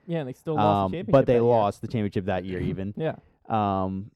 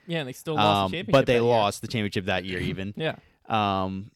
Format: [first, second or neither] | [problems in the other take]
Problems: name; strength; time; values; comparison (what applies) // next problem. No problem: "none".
second | muffled; slightly; fading above 1.5 kHz